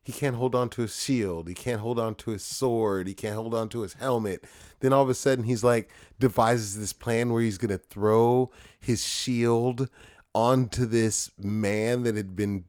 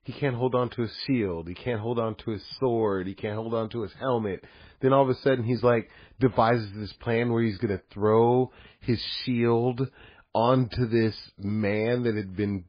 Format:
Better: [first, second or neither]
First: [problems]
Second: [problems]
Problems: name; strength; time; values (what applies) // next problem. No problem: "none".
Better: first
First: none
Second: garbled, watery; badly